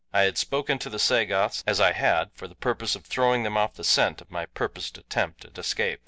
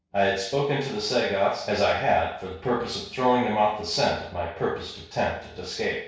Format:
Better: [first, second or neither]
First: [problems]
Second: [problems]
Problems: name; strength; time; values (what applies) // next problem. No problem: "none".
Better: first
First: none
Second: room echo; dies away in 0.6 s